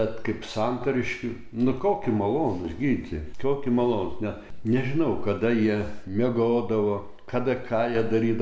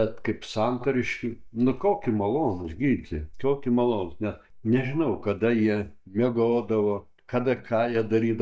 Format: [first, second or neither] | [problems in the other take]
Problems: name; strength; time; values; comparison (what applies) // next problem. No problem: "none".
first | noise reduction (neural mask model DeepFilterNet 3)